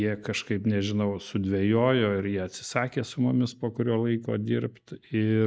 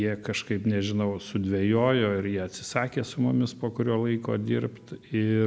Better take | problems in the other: second | noise reduction (neural mask model DeepFilterNet 3)

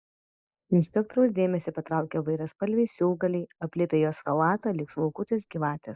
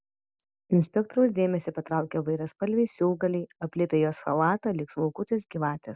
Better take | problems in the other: second | noise reduction (neural mask model Resemble Enhance denoiser)

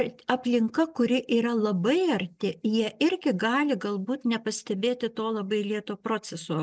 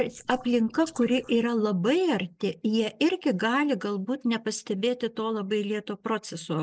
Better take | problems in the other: first | noise reduction (neural mask model Resemble Enhance denoiser)

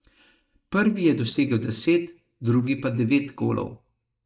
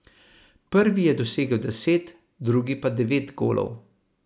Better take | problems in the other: second | noise reduction (neural mask model DeepFilterNet 3)

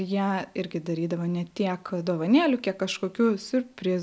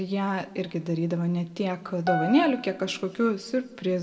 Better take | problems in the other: first | background sound (Piano); 7 dB below the speech // room echo; dies away in 1 s

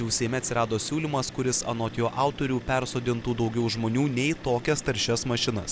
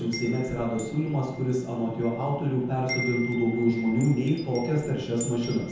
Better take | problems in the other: first | background sound (Wind chime); 14 dB below the speech // room echo; dies away in 0.9 s

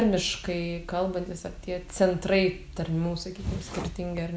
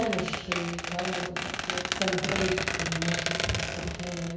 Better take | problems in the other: first | background sound (Squeak); as loud as the speech // room echo; dies away in 1.1 s

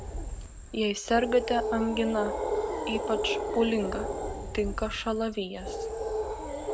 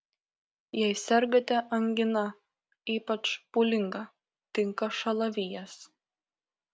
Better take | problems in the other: second | background sound (Animal); 3 dB below the speech

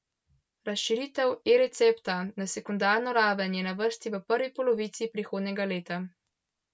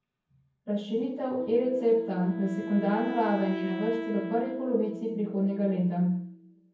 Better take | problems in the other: first | background sound (Wind instrument, woodwind instrument); 10 dB below the speech // room echo; dies away in 0.9 s

